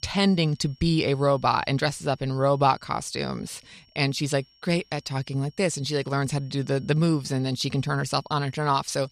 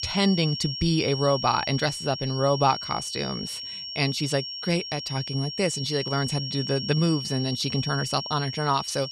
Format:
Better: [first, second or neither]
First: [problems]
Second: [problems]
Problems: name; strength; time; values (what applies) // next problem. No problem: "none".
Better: first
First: high-pitched whine; faint; throughout; 5.5 kHz, 30 dB below the speech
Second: high-pitched whine; loud; throughout; 5.5 kHz, 6 dB below the speech